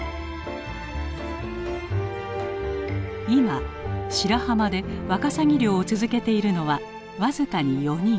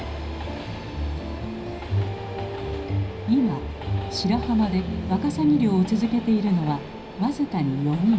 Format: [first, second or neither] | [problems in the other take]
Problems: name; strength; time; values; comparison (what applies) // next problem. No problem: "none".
first | background sound (Train); 14 dB below the speech // room echo; dies away in 0.4 s